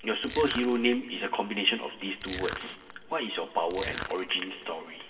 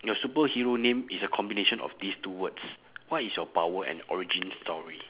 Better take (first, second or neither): second